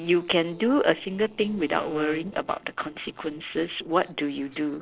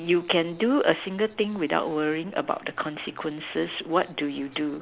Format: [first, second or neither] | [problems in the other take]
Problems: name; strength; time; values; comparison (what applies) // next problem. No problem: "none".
second | noise reduction (neural separator model SepFormer DNS4)